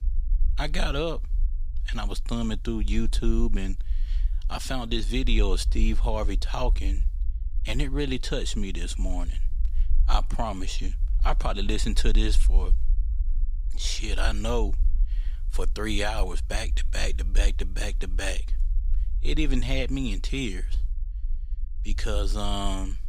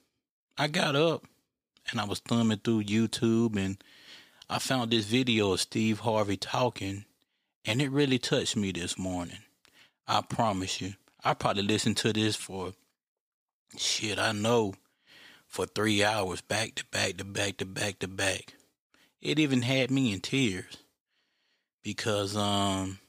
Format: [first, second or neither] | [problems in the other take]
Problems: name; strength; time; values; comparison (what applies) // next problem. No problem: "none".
second | low rumble; faint; throughout; 20 dB below the speech